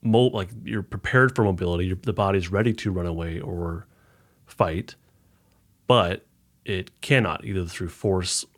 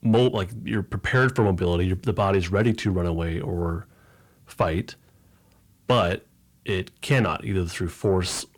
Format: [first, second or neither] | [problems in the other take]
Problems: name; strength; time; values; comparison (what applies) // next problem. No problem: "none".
first | distortion; slight; 10 dB below the speech